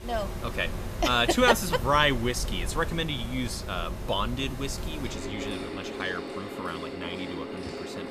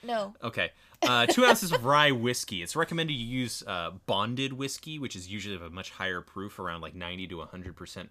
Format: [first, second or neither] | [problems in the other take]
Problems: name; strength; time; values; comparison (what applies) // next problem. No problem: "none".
second | machinery noise; loud; throughout; 8 dB below the speech